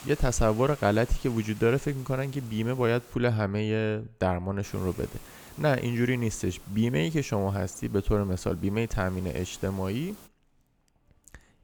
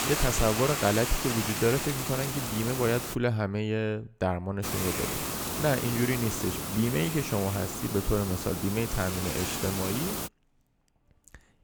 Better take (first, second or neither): first